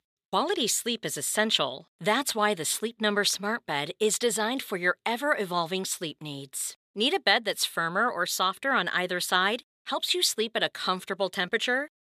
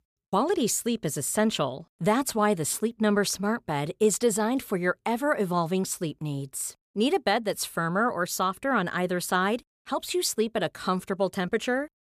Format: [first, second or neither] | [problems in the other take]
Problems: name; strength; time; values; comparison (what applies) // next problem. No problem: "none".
second | thin; very slightly; fading below 400 Hz